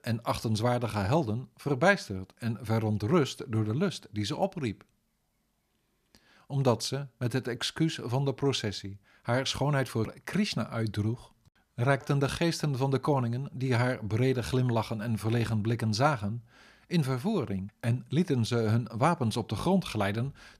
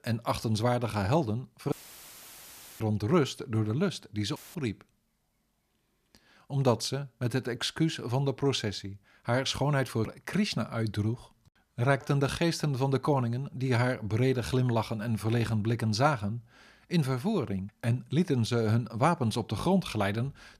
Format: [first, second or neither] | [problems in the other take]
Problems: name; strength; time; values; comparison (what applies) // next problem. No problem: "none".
first | audio cutting out; filled with static; at 1.5 s for 1 s and at 4.5 s